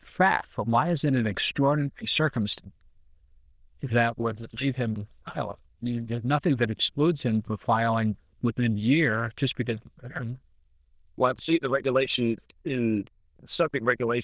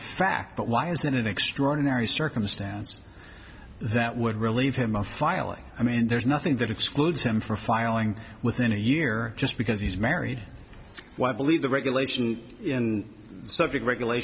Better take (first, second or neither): second